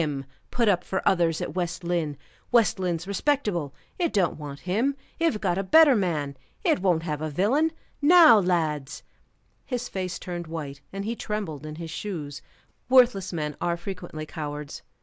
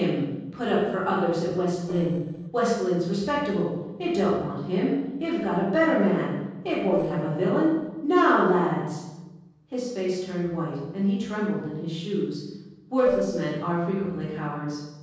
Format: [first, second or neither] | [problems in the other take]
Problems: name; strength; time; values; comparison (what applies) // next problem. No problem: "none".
first | noise reduction (neural separator model SepFormer DNS4)